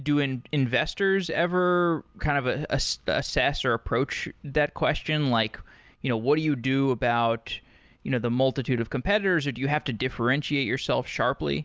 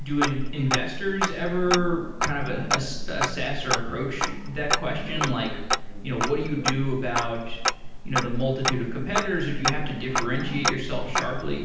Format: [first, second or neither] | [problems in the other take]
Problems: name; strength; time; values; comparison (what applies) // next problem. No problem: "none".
first | background sound (Tick-tock); 1 dB above the speech // room echo; dies away in 0.9 s